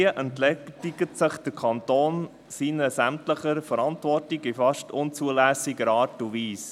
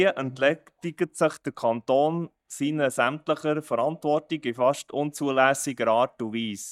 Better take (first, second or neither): first